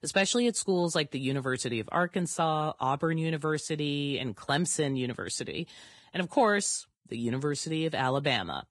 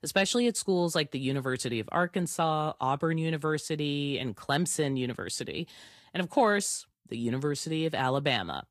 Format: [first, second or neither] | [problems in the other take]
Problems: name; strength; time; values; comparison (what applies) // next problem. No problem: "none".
second | garbled, watery; badly; slightly in the second